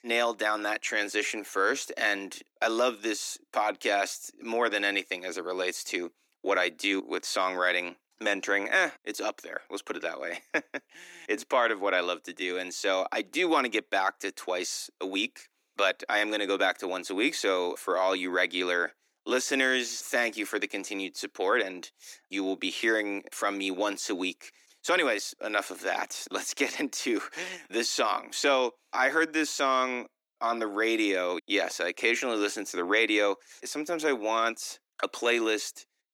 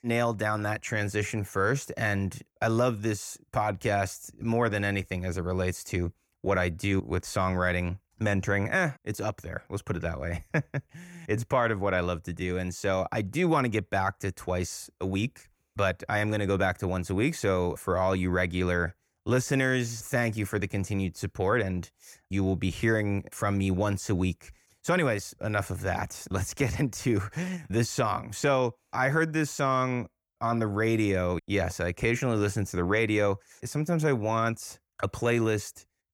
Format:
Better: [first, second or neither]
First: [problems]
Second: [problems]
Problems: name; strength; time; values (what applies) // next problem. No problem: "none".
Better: second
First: thin; somewhat; fading below 300 Hz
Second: none